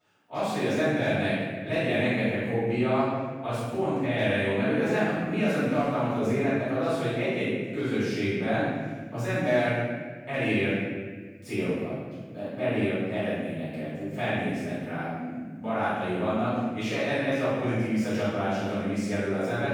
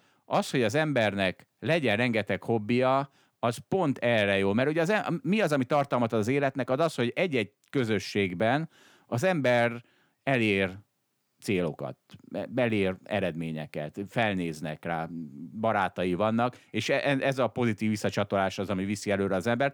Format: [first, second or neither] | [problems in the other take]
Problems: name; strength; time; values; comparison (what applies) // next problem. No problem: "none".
second | off-mic speech; far // room echo; strong; dies away in 1.4 s